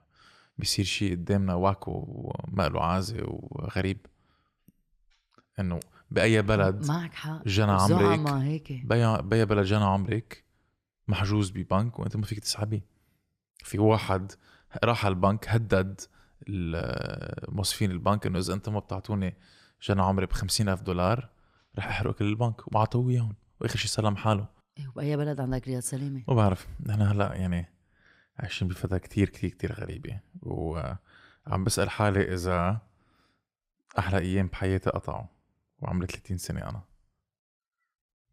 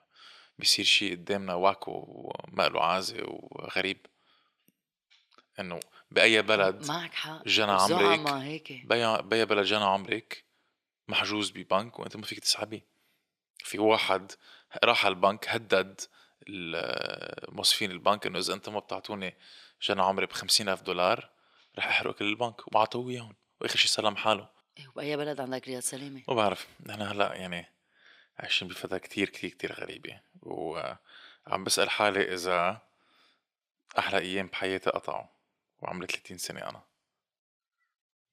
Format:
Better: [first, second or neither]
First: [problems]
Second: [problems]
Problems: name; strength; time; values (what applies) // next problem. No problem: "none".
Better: first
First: none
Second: thin; somewhat; fading below 350 Hz